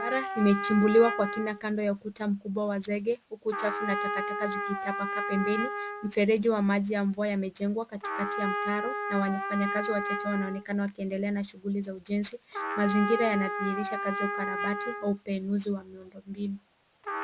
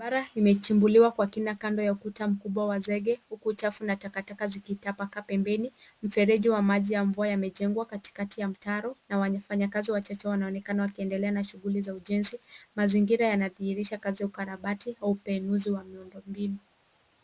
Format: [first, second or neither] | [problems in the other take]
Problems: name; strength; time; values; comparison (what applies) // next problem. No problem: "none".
second | background sound (Trumpet); 5 dB below the speech